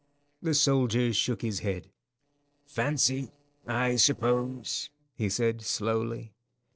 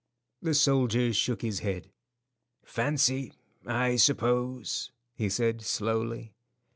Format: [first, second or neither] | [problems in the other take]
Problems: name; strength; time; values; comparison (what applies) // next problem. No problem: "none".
second | noise reduction (neural separator model SepFormer DNS4)